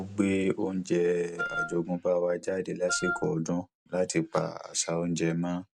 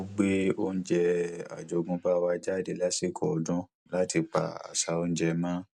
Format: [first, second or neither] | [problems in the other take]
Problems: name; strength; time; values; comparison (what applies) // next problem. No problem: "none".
second | background sound (Wind instrument, woodwind instrument); 5 dB below the speech